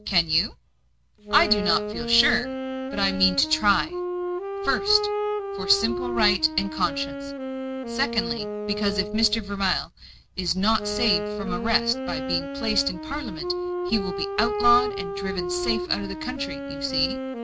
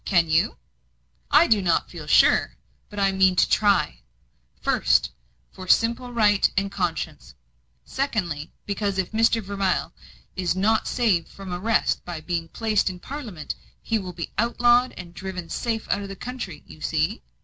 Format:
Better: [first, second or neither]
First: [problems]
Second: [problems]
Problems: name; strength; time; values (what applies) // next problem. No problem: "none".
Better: second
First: background sound (Wind instrument, woodwind instrument); 4 dB below the speech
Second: none